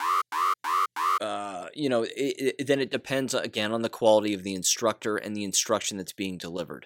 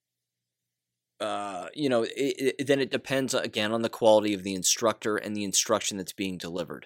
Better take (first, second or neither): second